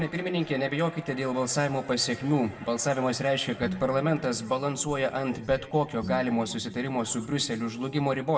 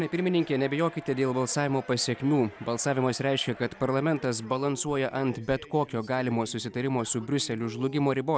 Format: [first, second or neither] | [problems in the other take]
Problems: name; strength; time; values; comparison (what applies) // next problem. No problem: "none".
second | background sound (Bowed string instrument); 14 dB below the speech // room echo; dies away in 0.6 s